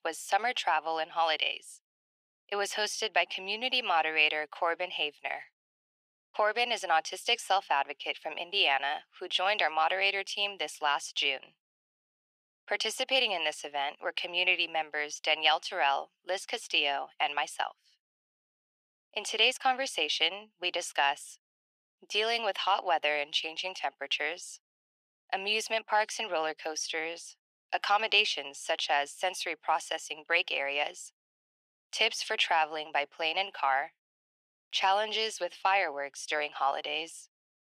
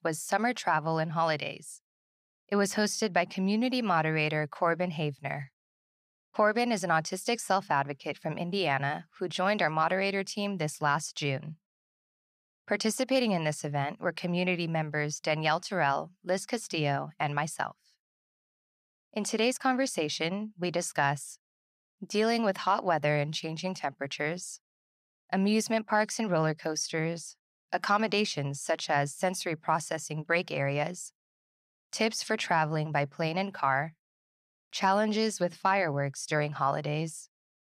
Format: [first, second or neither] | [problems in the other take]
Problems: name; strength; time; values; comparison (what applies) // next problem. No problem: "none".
second | thin; very; fading below 350 Hz